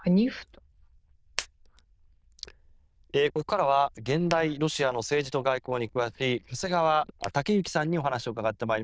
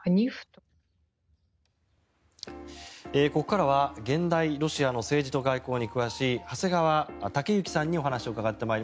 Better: second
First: noise reduction (neural diffusion model UNIVERSE++)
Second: none

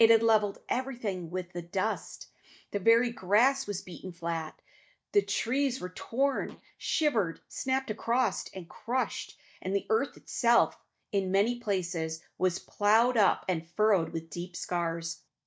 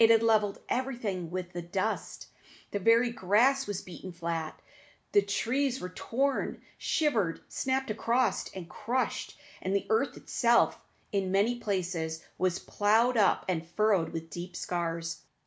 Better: second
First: noise reduction (neural mask model DeepFilterNet 3)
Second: none

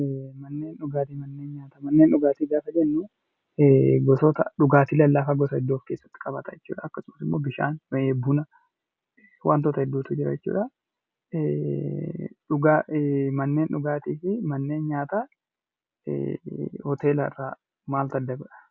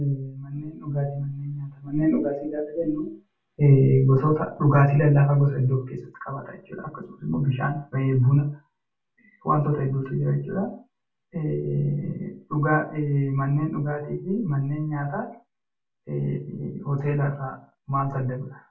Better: first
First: none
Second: room echo; dies away in 0.3 s

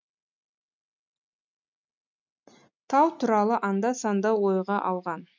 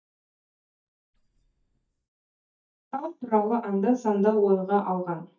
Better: first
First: none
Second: noise reduction (neural mask model DeepFilterNet 3)

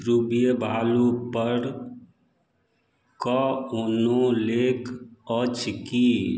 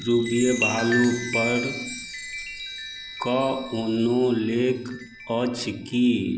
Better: first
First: none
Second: background sound (Chime); 9 dB below the speech

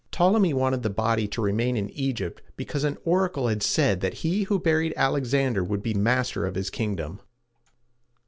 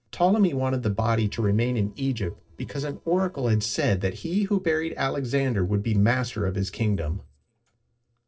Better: first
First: none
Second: noise reduction (neural separator model SepFormer DNS4)

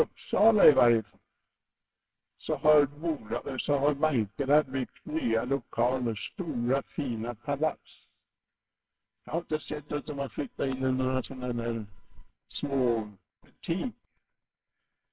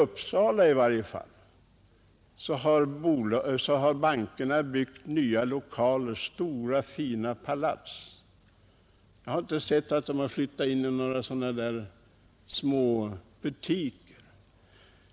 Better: second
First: noise reduction (neural separator model SepFormer WHAMR!)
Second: none

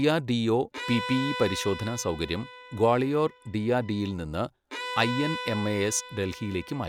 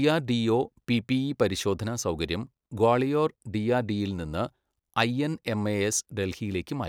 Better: second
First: background sound (Bowed string instrument); 11 dB below the speech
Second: none

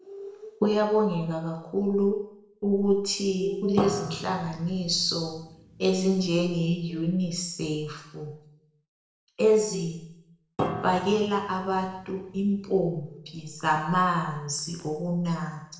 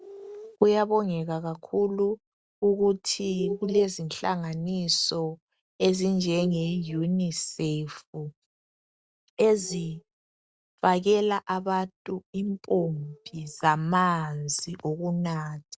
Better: second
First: background sound (Piano); 9 dB below the speech // room echo; dies away in 0.7 s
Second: none

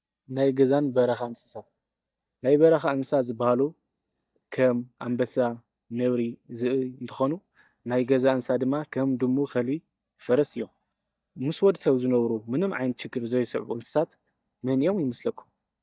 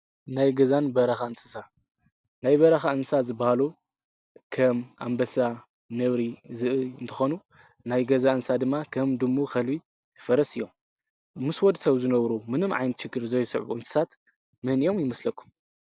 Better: second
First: noise reduction (neural mask model DeepFilterNet 3)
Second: none

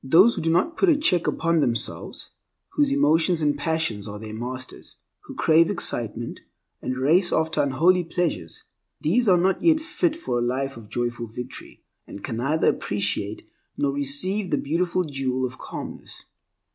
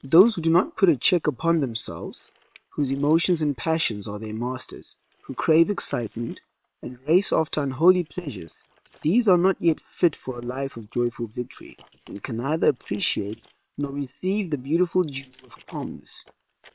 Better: first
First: none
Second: noise reduction (neural separator model SepFormer WHAM!)

